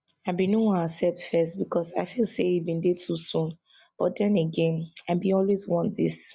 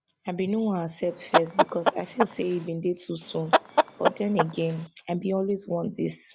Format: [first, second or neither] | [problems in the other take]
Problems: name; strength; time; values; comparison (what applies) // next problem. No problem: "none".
first | background sound (Chicken, rooster); 2 dB above the speech